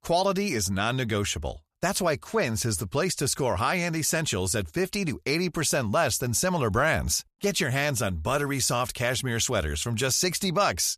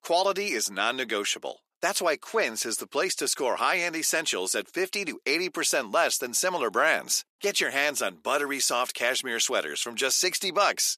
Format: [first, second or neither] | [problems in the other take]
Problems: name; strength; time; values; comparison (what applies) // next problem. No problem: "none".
first | thin; somewhat; fading below 300 Hz